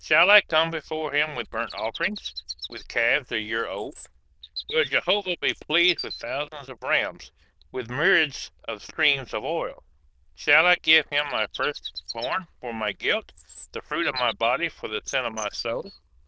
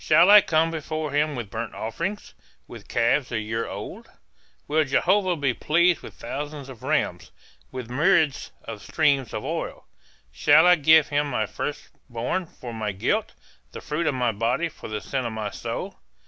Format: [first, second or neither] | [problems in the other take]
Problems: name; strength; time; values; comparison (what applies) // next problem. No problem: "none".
second | noise reduction (neural diffusion model UNIVERSE++)